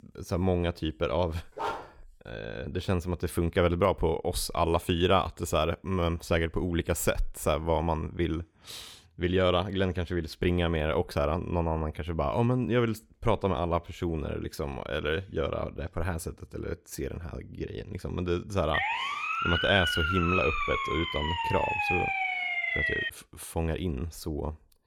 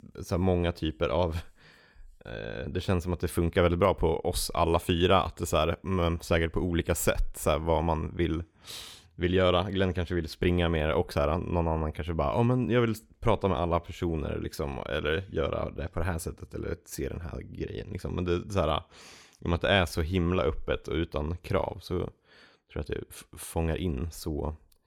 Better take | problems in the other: second | dog barking; noticeable; at 1.5 s; peak 5 dB below the speech // siren; loud; from 19 to 23 s; peak 3 dB above the speech

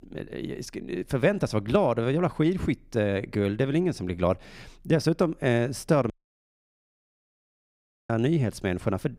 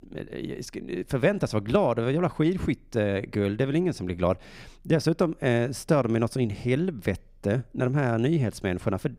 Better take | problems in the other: second | audio cutting out; at 6 s for 2 s

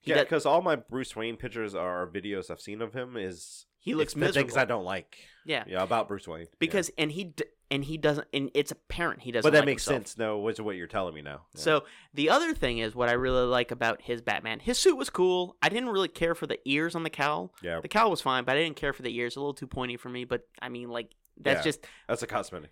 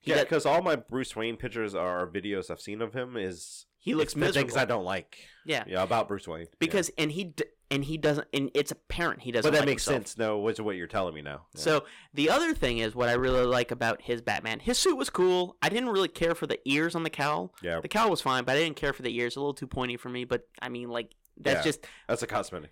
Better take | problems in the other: first | distortion; slight; 4% of the sound clipped

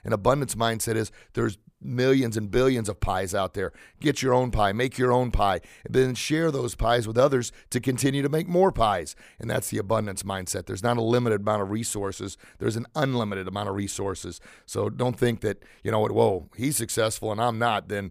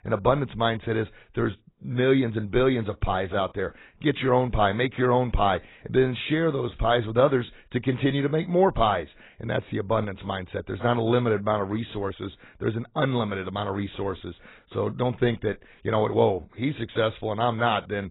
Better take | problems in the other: first | garbled, watery; badly; nothing above 4 kHz

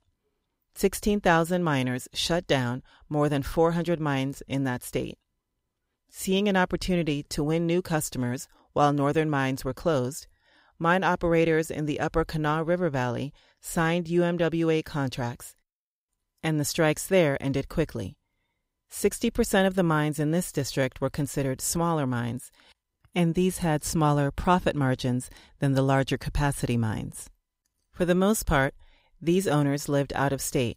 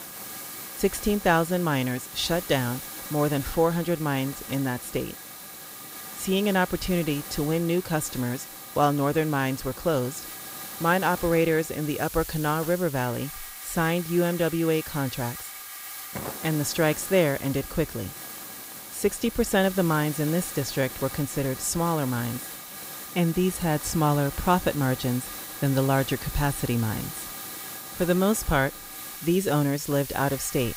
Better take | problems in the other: first | hiss; noticeable; throughout; 10 dB below the speech

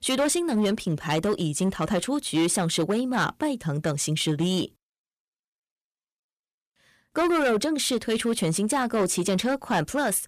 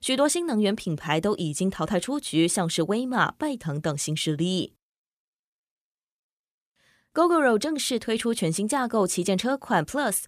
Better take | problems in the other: second | distortion; slight; 8% of the sound clipped

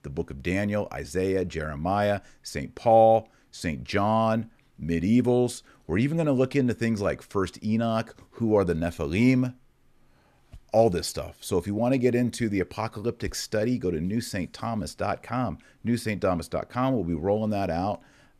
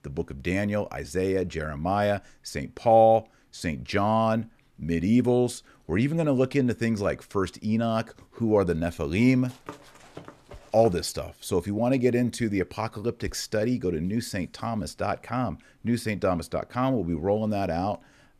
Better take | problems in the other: first | footsteps; faint; from 9.5 to 11 s; peak 20 dB below the speech

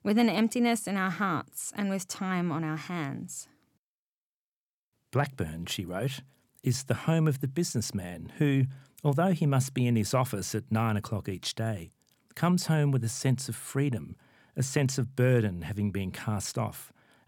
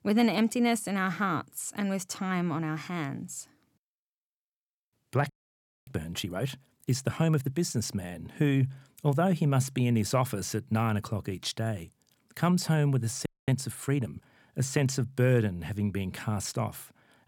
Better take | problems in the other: first | audio freezing; at 5.5 s for 0.5 s and at 13 s

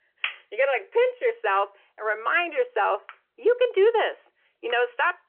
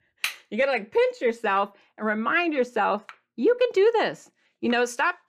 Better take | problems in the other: second | phone-call audio; nothing above 3 kHz

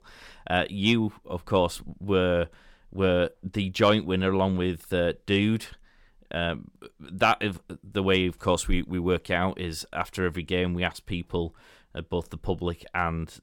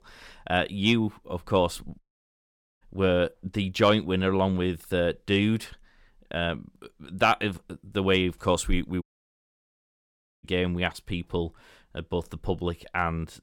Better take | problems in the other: first | audio cutting out; at 2 s for 1 s and at 9 s for 1.5 s

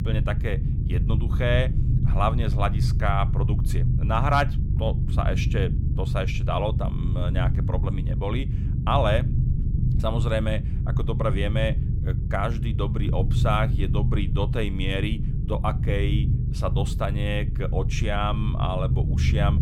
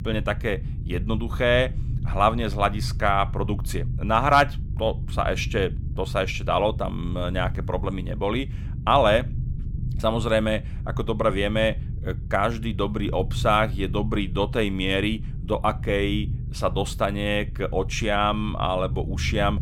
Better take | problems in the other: second | low rumble; loud; throughout; 9 dB below the speech; faint in the second

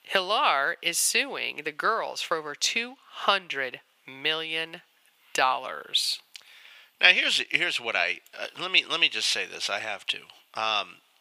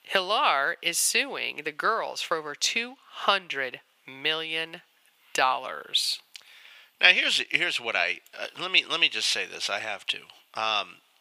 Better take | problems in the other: neither | thin; very; fading below 800 Hz; the same in both

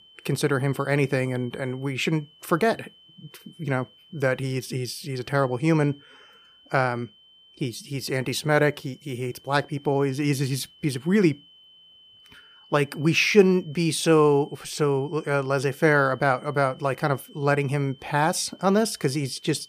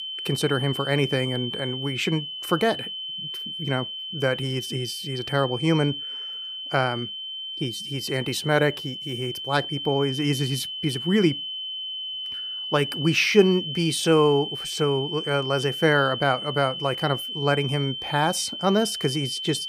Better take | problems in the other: first | high-pitched whine; loud; throughout; 3 kHz, 6 dB below the speech; faint in the first

